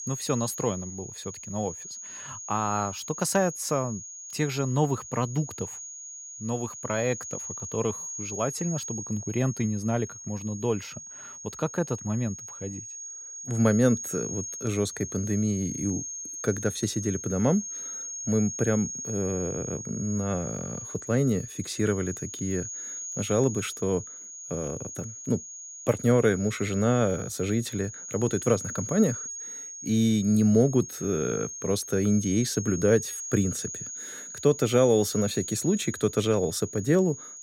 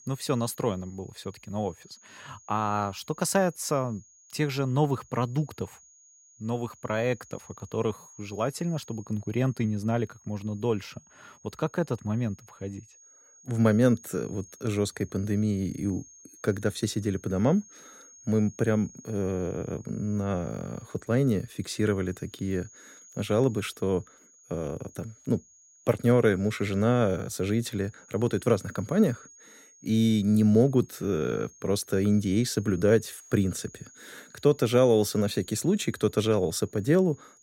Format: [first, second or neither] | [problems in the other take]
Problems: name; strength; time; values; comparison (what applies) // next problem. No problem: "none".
second | high-pitched whine; loud; throughout; 6.5 kHz, 8 dB below the speech; faint in the second